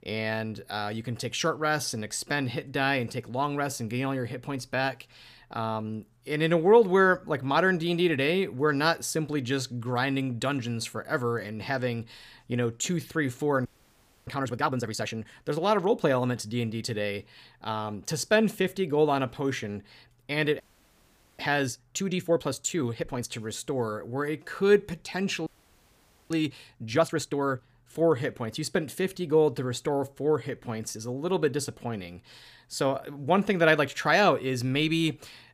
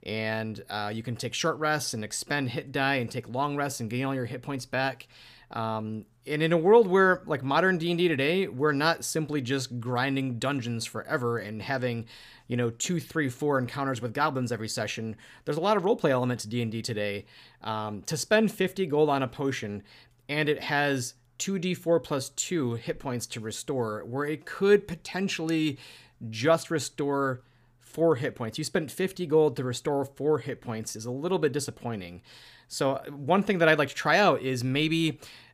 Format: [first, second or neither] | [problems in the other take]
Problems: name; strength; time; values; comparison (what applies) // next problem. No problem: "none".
second | audio freezing; at 14 s for 0.5 s, at 21 s for 1 s and at 25 s for 1 s